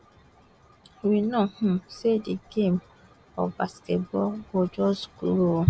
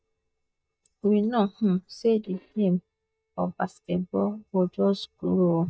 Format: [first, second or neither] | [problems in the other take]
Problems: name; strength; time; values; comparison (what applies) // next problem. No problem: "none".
first | noise reduction (neural mask model DeepFilterNet 3)